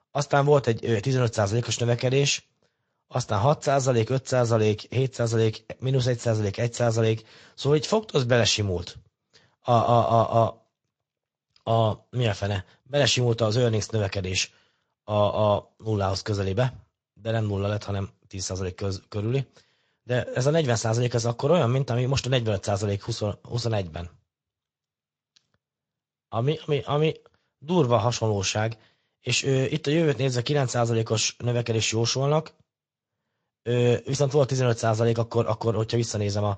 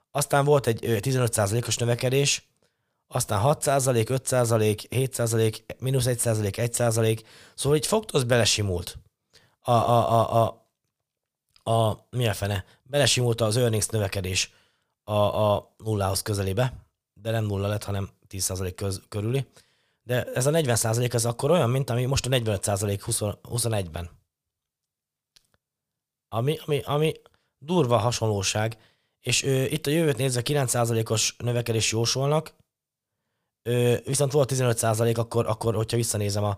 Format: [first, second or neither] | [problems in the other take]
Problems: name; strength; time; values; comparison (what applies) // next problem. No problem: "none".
second | garbled, watery; slightly; nothing above 7.5 kHz